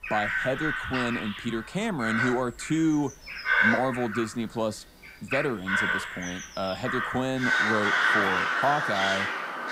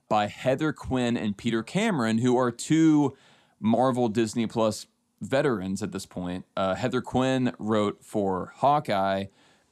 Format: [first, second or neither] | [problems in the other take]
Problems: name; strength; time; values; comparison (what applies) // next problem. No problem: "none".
second | animal sounds; very loud; throughout; 3 dB above the speech